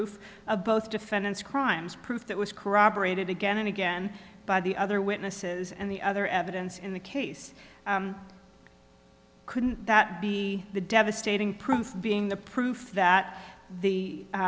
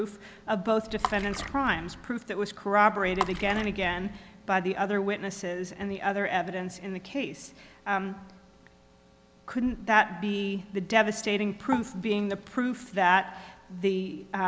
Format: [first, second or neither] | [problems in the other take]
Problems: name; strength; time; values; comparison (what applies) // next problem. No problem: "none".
first | background sound (Water / Splash, splatter); 8 dB below the speech